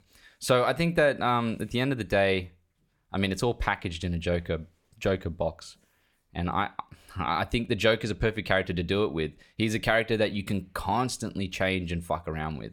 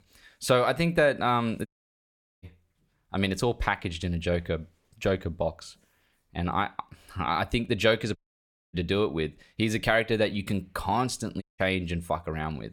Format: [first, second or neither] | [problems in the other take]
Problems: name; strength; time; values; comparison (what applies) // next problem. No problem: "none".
first | audio cutting out; at 1.5 s for 1 s, at 8 s for 0.5 s and at 11 s